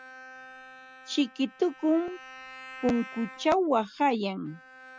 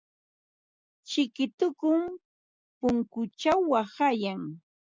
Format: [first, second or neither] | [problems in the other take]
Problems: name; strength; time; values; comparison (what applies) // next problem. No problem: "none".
second | background sound (Bowed string instrument); 18 dB below the speech